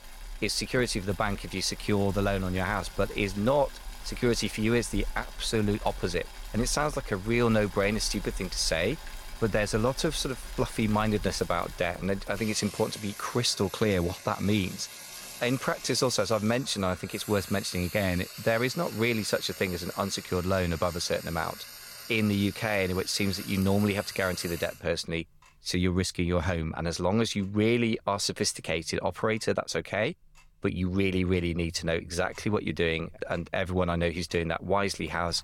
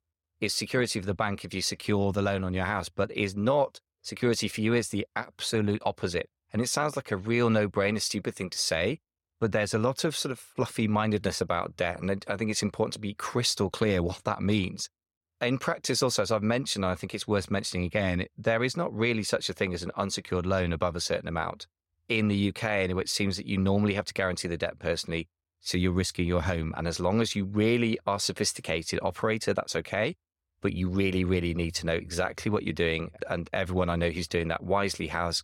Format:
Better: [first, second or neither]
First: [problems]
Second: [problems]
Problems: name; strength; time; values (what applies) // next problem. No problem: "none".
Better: second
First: household noises; noticeable; throughout; 15 dB below the speech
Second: none